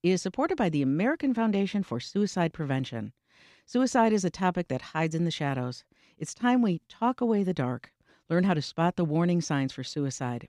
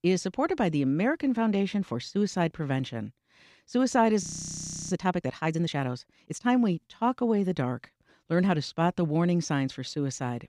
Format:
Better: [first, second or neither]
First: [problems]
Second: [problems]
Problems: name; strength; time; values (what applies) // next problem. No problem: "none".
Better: first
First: none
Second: audio freezing; at 4 s for 0.5 s